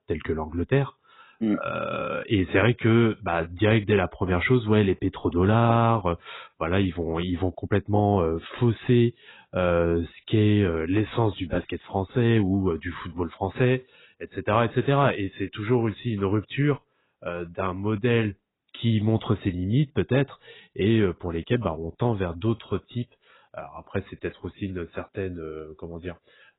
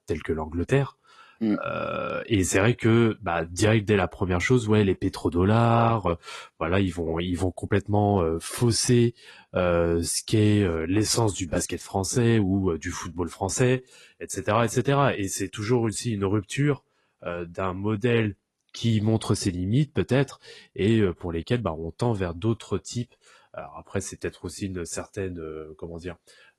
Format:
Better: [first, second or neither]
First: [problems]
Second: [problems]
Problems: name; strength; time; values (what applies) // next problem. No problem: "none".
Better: second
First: garbled, watery; badly; nothing above 4 kHz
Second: garbled, watery; slightly; nothing above 11.5 kHz